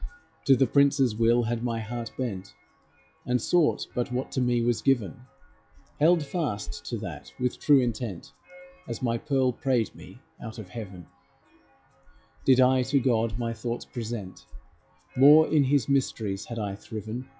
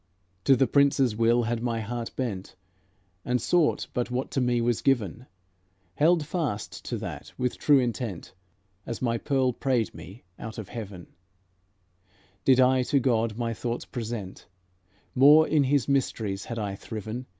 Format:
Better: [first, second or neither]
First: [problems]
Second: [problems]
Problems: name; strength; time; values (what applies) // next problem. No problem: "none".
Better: second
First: noise reduction (classical method log-MMSE)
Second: none